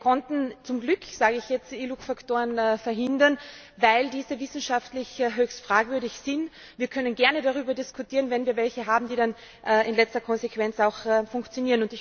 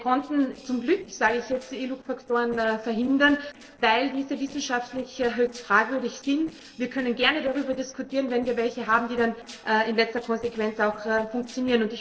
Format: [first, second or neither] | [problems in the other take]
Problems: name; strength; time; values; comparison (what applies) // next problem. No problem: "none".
first | noise reduction (neural separator model SepFormer DNS4)